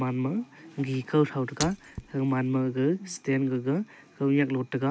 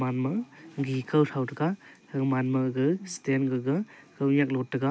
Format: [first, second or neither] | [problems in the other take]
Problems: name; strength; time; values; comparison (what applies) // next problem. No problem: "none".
second | background sound (Shatter); 12 dB below the speech